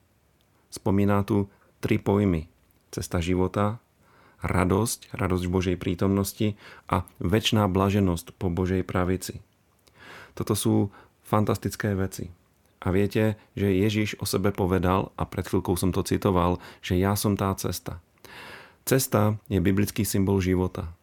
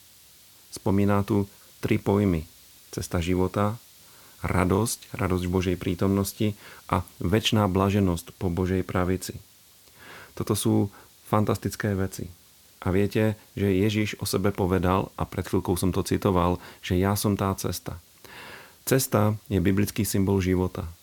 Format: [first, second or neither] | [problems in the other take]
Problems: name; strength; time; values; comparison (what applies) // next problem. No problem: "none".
first | hiss; faint; throughout; 25 dB below the speech